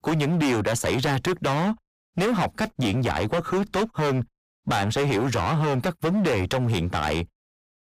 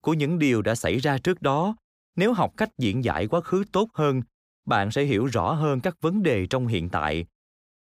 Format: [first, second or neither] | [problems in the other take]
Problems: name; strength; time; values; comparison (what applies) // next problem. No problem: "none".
second | distortion; heavy; 24% of the sound clipped